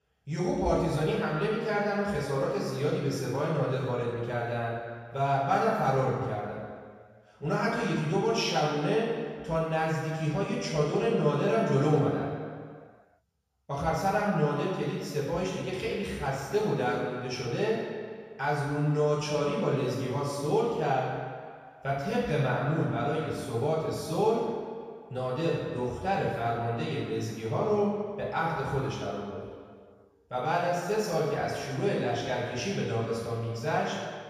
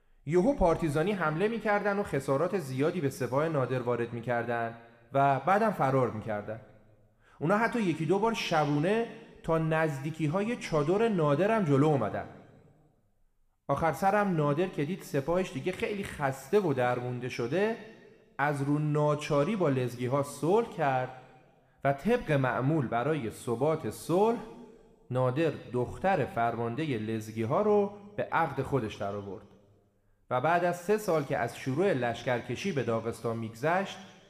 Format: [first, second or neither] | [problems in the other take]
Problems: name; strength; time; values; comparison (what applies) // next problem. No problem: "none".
second | room echo; strong; dies away in 1.6 s; slight in the second // off-mic speech; far